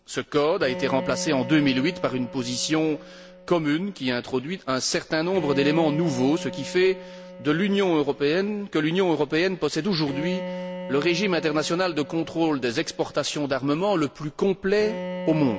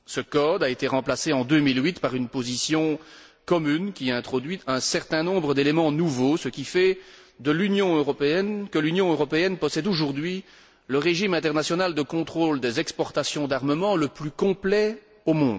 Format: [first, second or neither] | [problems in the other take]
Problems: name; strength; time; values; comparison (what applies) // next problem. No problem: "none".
second | background sound (Bowed string instrument); 13 dB below the speech